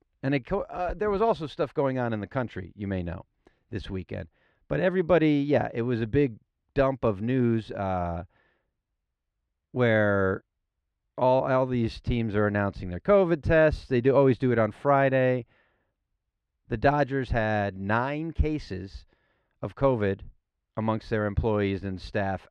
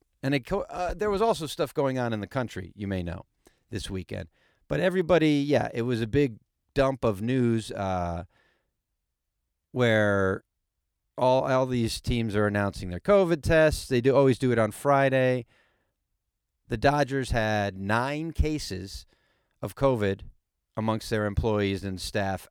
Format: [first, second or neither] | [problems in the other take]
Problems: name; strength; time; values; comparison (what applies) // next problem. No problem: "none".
second | muffled; slightly; fading above 2.5 kHz